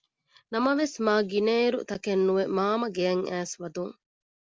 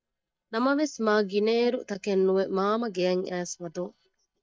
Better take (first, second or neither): first